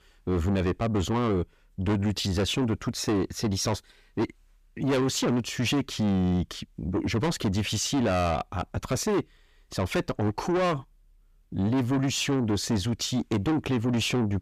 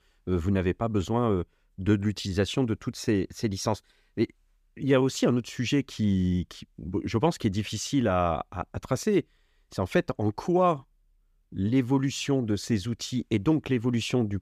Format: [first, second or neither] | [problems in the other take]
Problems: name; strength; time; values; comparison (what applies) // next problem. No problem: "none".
second | distortion; heavy; 7 dB below the speech